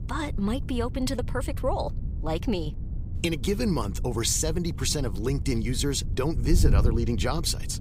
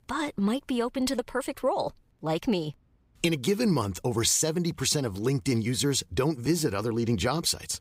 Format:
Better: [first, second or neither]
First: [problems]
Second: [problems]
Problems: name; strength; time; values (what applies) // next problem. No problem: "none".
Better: second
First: wind noise on the microphone; occasional gusts; 15 dB below the speech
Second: none